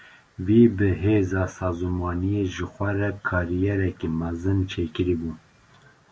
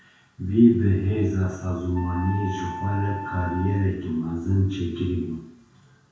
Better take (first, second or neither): first